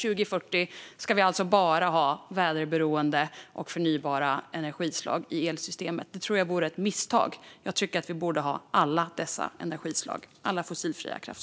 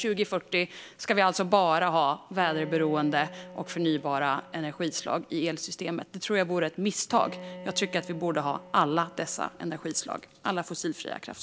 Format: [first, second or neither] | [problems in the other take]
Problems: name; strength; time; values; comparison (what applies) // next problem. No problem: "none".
first | background sound (Bowed string instrument); 19 dB below the speech